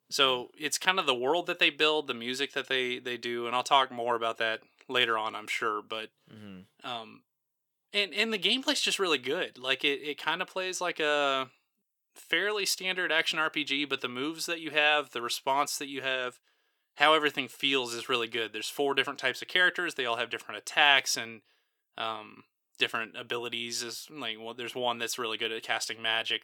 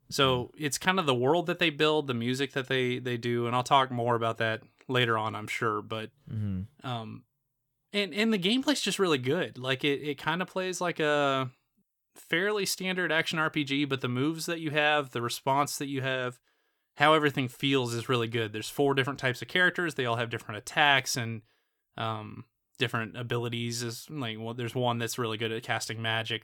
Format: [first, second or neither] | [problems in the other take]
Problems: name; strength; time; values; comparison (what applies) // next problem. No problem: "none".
second | thin; somewhat; fading below 350 Hz